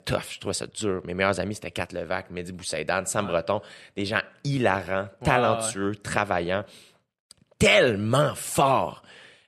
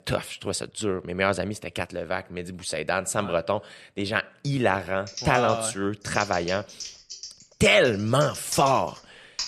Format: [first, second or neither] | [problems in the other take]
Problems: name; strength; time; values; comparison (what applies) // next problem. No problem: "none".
first | keyboard typing; noticeable; from 5 s on; peak 8 dB below the speech